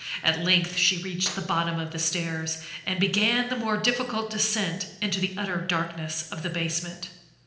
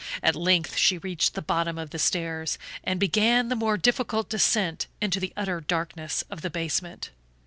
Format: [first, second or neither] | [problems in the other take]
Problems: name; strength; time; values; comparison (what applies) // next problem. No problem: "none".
second | background sound (Clapping); 20 dB below the speech // room echo; dies away in 0.8 s